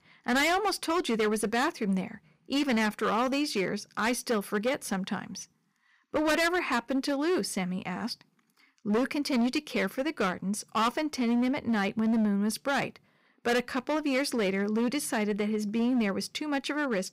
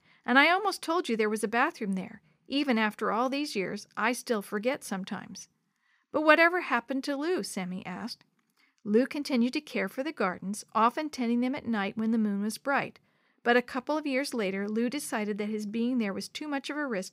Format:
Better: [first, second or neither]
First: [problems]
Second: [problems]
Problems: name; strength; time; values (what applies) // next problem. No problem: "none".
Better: second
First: distortion; heavy; 12% of the sound clipped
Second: none